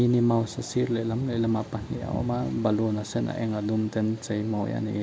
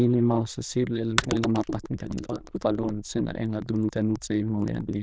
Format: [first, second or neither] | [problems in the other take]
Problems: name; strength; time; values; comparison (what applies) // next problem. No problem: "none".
first | noise reduction (neural diffusion model UNIVERSE++)